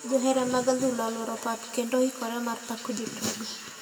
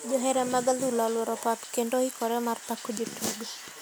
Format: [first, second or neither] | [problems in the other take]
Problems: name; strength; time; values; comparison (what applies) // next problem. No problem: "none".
second | room echo; dies away in 1.7 s